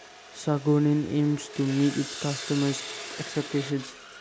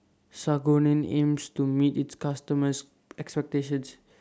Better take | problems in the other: second | background sound (Sawing); 12 dB below the speech

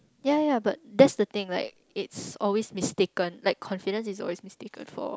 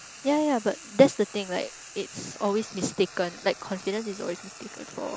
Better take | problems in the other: first | background sound (Frying (food)); 17 dB below the speech

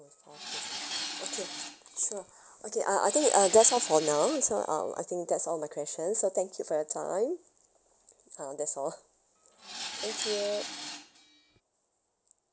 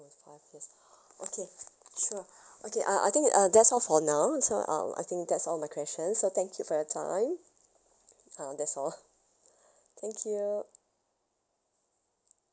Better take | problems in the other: second | background sound (Tools); 9 dB below the speech

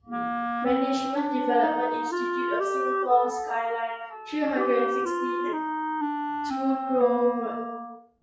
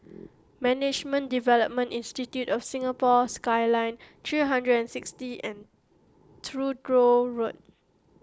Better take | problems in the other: second | noise reduction (classical method WPE with log-MMSE)

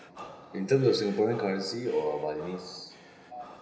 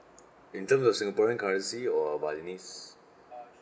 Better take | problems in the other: second | background sound (Breathing); 19 dB below the speech // room echo; dies away in 0.9 s

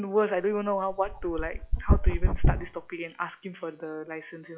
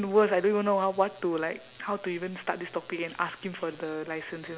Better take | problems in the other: second | noise reduction (classical method log-MMSE)

